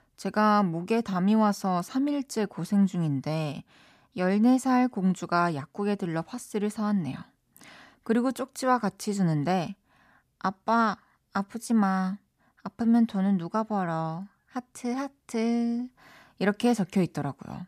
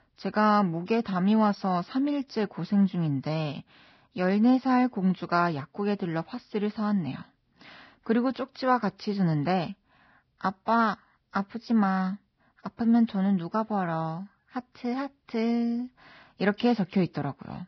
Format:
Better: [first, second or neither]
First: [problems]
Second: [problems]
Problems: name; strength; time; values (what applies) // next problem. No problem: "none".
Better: first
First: none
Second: garbled, watery; badly; nothing above 5.5 kHz